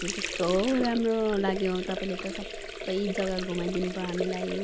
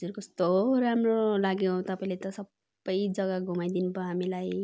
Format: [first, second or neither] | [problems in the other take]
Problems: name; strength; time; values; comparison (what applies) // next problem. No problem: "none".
second | background sound (Sink (filling or washing) / Water); 6 dB below the speech